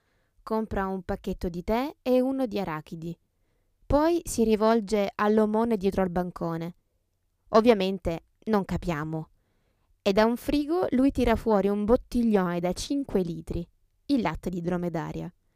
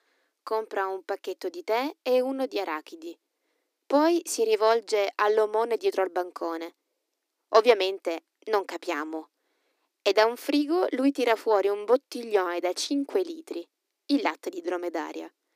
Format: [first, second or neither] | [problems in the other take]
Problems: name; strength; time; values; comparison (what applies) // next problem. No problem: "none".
first | thin; very slightly; fading below 300 Hz